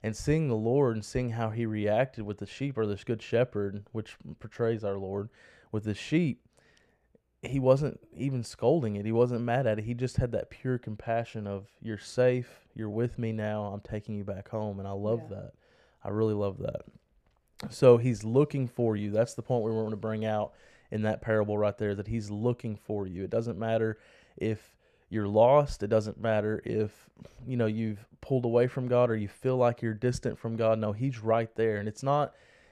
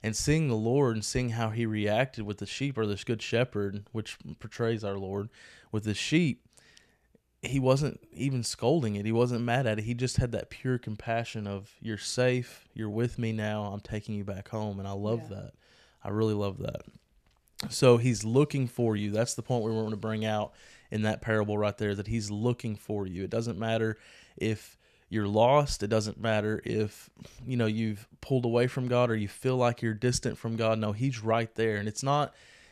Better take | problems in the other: second | muffled; slightly; fading above 2.5 kHz

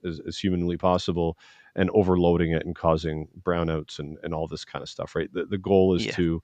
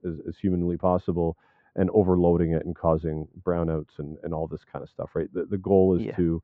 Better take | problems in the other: first | muffled; very slightly; fading above 2.5 kHz

